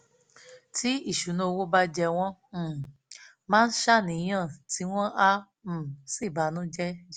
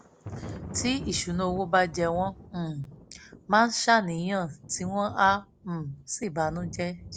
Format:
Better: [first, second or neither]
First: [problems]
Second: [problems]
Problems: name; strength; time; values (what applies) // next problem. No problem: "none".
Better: first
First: none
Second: background sound (Thunder); 14 dB below the speech